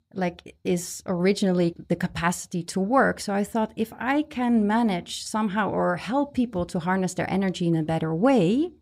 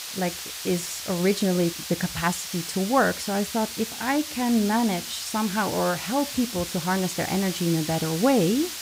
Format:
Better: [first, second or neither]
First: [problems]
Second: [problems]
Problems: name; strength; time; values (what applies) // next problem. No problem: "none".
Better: first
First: none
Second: hiss; loud; throughout; 7 dB below the speech